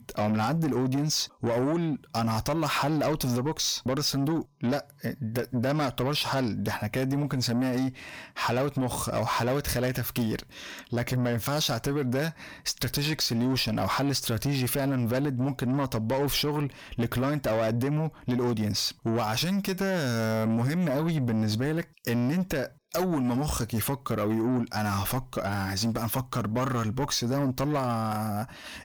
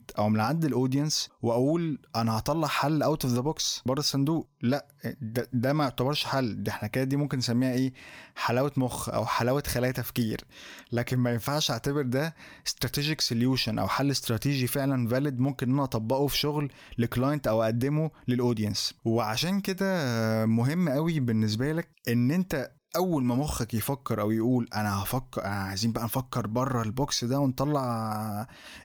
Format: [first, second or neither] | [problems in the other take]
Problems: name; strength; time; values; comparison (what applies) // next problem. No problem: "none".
second | distortion; slight; 10 dB below the speech